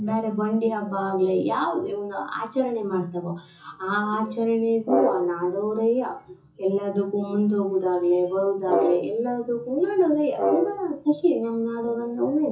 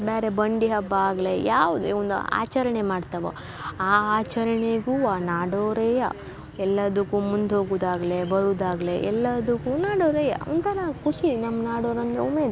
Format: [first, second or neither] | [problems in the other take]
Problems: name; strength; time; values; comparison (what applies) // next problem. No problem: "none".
second | noise reduction (classical method WPE with log-MMSE)